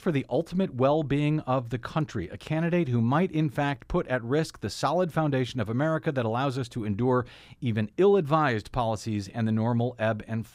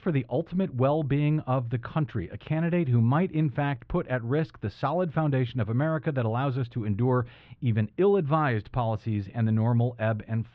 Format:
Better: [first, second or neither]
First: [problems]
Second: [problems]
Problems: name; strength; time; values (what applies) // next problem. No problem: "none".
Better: first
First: none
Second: muffled; slightly; fading above 3.5 kHz